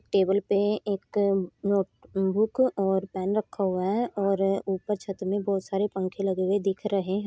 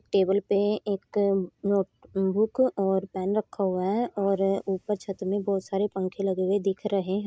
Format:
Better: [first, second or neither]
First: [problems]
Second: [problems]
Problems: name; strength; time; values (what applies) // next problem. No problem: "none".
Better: first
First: none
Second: noise reduction (neural mask model Resemble Enhance denoiser)